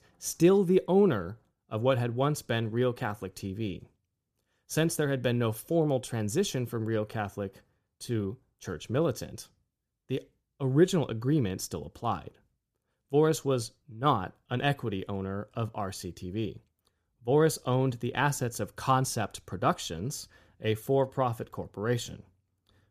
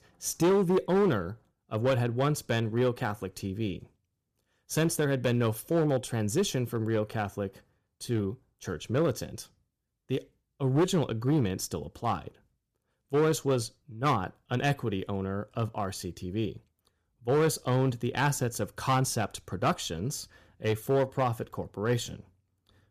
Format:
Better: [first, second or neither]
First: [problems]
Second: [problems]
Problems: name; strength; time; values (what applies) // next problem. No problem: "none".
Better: first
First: none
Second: distortion; slight; 4% of the sound clipped